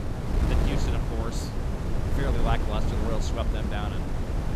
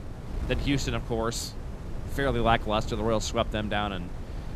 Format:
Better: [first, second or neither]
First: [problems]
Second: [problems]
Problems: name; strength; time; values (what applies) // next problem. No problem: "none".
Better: second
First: wind noise on the microphone; heavy; 1 dB below the speech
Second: wind noise on the microphone; occasional gusts; 15 dB below the speech